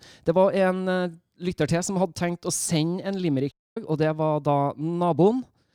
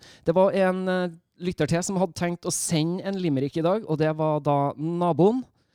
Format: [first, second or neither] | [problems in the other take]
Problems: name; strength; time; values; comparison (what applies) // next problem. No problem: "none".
second | audio cutting out; at 3.5 s